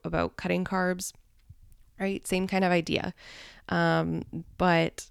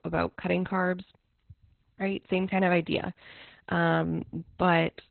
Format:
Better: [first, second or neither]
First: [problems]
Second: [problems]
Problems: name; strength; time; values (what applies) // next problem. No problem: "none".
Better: first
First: none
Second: garbled, watery; badly; nothing above 4 kHz